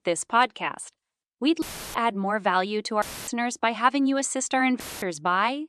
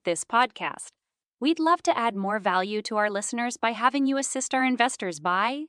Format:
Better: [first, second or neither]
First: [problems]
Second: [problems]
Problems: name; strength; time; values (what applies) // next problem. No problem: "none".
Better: second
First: audio cutting out; filled with static; at 1.5 s, at 3 s and at 5 s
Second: none